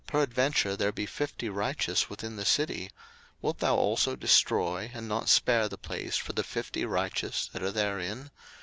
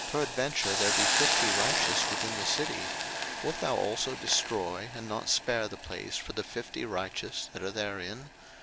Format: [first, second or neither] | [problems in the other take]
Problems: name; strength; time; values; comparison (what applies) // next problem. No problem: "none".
first | background sound (Hiss); as loud as the speech